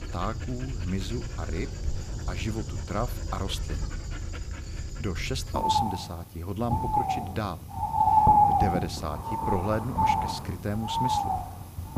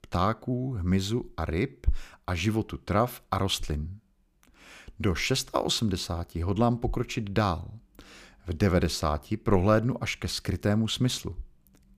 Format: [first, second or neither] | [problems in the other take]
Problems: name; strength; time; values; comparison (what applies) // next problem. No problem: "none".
second | animal sounds; very loud; throughout; 5 dB above the speech